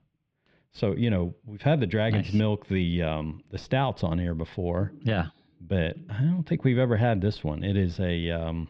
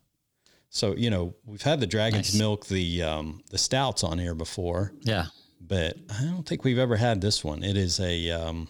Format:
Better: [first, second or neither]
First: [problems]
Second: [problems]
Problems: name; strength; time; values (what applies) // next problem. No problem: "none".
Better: second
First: muffled; very; fading above 2.5 kHz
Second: none